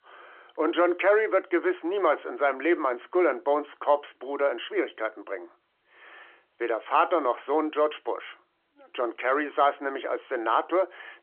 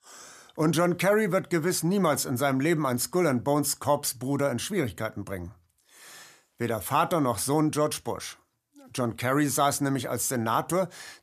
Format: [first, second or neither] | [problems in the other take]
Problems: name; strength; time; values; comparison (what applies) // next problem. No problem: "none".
second | phone-call audio